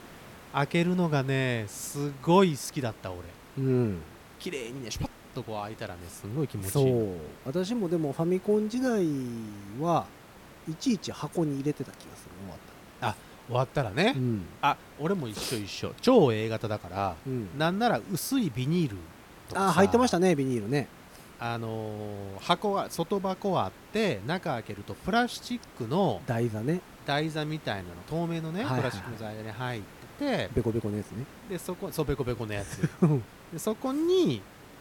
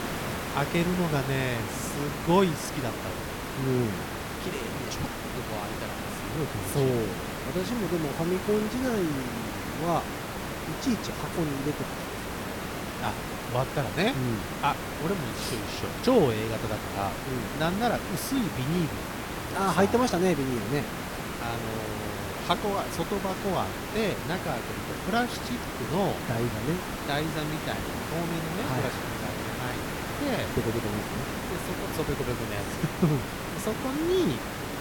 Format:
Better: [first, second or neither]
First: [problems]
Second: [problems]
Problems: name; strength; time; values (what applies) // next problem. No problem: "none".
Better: first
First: hiss; faint; throughout; 20 dB below the speech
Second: hiss; loud; throughout; 3 dB below the speech